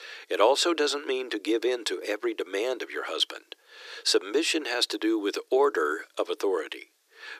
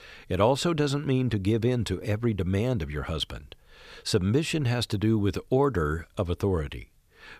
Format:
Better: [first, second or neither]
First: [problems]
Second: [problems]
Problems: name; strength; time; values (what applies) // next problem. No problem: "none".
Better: second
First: thin; very; fading below 300 Hz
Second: none